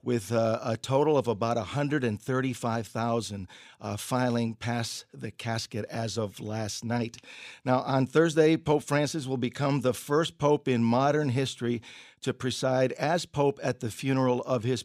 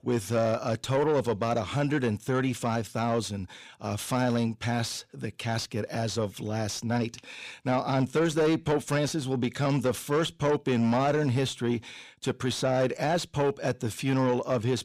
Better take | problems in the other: first | distortion; slight; 10 dB below the speech

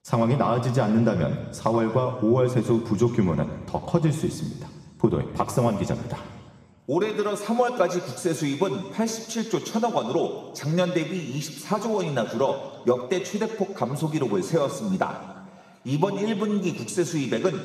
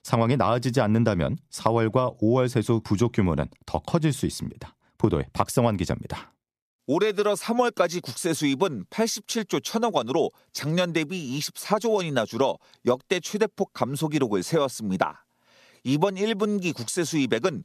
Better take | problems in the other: second | room echo; slight; dies away in 1.6 s

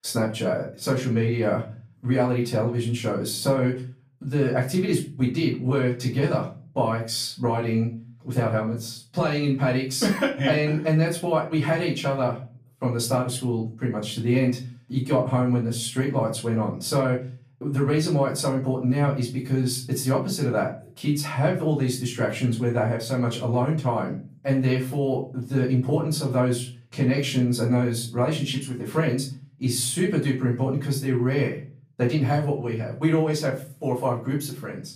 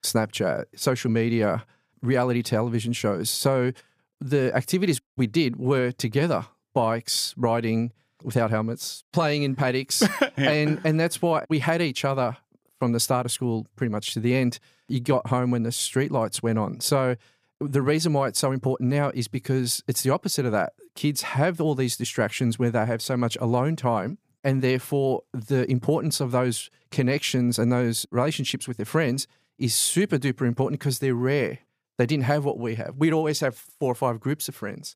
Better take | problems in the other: second | room echo; slight; dies away in 0.4 s // off-mic speech; far

